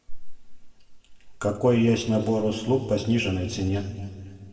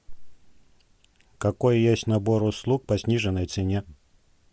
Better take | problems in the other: second | room echo; dies away in 1.9 s

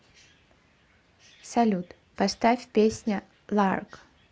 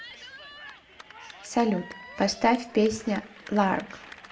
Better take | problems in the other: first | background sound (Cheering / Clapping); 17 dB below the speech // room echo; dies away in 0.4 s

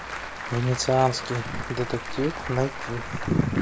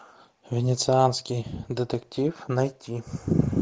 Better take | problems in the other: second | background sound (Applause / Crowd); 7 dB below the speech

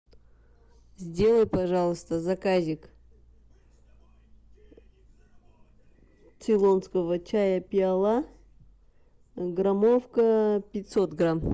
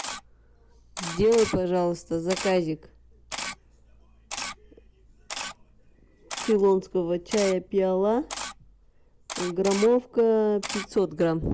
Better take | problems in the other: first | background sound (Camera); 12 dB below the speech

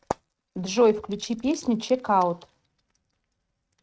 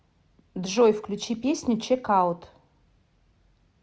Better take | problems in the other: second | noise reduction (neural mask model RNNoise)

